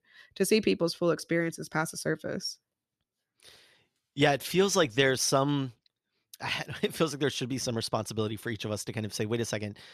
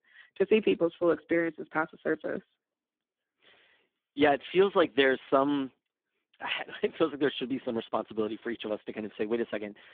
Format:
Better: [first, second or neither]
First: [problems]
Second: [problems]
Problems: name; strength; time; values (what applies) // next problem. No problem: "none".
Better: first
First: none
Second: phone-call audio; poor line; nothing above 3.5 kHz